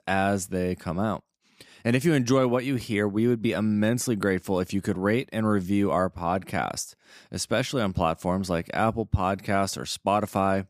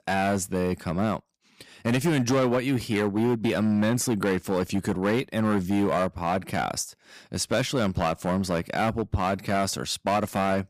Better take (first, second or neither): first